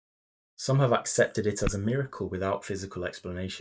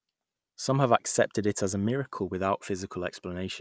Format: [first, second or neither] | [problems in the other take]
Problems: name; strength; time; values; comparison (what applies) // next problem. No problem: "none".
second | noise reduction (neural mask model DeepFilterNet 3)